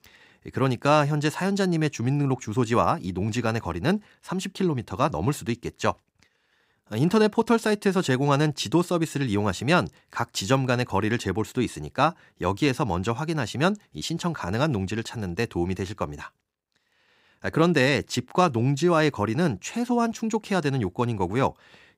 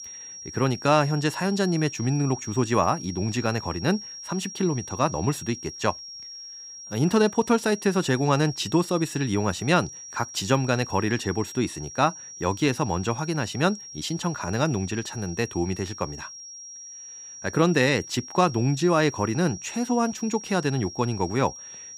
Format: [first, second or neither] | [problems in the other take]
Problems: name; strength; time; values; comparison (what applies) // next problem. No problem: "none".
first | high-pitched whine; noticeable; throughout; 5.5 kHz, 10 dB below the speech